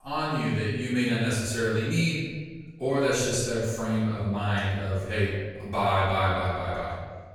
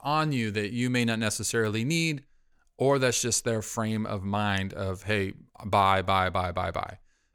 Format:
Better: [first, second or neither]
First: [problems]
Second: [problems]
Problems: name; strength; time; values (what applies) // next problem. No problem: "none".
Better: second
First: off-mic speech; far // room echo; strong; dies away in 1.2 s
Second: none